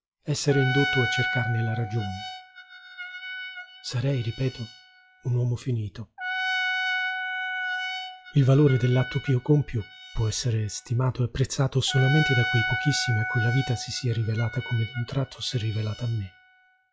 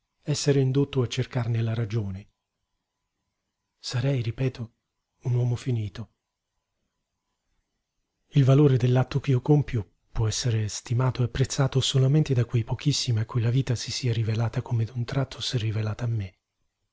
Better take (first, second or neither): second